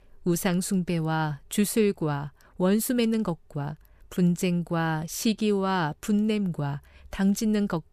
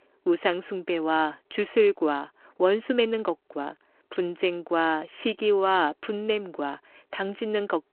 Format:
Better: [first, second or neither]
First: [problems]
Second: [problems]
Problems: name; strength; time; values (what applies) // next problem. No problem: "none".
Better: first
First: none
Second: phone-call audio